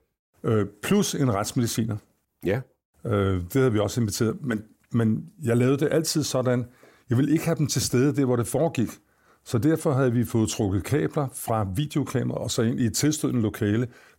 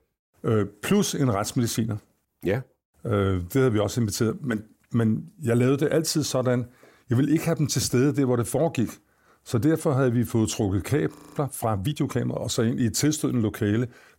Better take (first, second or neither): first